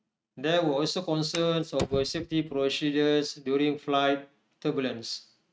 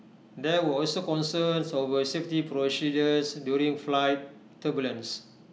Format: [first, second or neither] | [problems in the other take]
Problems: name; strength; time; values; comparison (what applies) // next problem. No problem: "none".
second | noise reduction (neural mask model RNNoise)